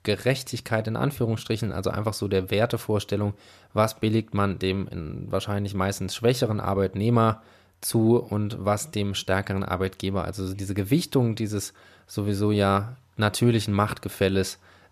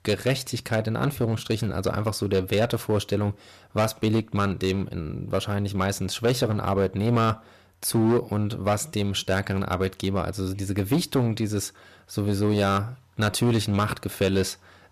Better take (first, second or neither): first